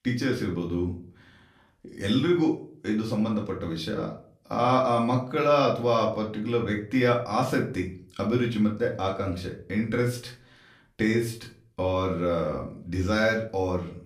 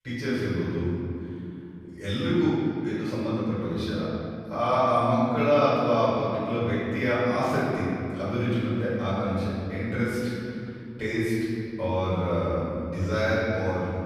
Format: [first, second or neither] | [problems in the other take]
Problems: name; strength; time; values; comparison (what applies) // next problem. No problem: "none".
first | room echo; strong; dies away in 2.8 s; slight in the first // off-mic speech; far; far in the first